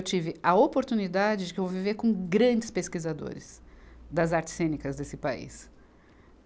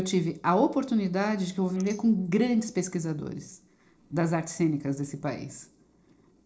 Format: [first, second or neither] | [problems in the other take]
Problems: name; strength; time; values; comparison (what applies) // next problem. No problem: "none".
first | noise reduction (neural separator model SepFormer DNS4)